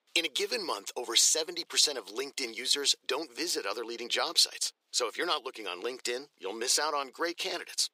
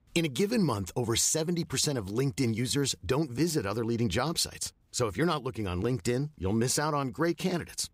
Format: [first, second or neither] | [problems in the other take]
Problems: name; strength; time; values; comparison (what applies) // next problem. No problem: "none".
second | thin; very; fading below 400 Hz